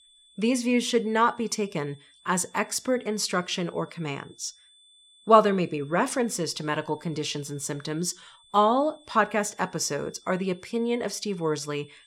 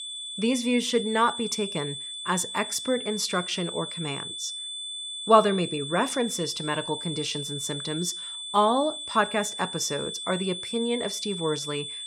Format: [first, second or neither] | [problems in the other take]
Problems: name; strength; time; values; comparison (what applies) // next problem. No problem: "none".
first | high-pitched whine; loud; throughout; 3.5 kHz, 6 dB below the speech; faint in the first